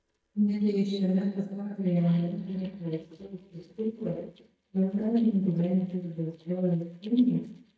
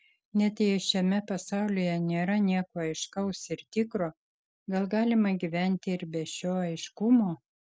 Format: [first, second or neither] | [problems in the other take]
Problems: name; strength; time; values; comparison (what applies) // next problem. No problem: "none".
second | noise reduction (neural mask model DeepFilterNet 3)